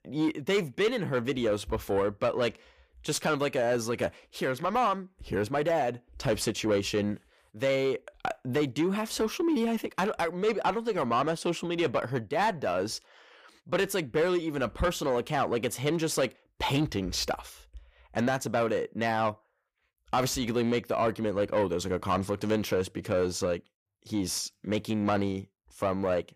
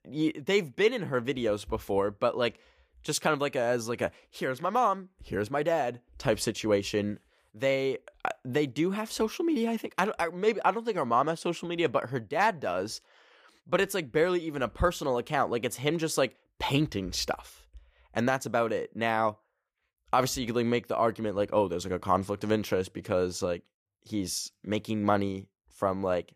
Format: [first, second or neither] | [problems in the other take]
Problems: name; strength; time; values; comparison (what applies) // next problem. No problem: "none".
second | distortion; slight; 10 dB below the speech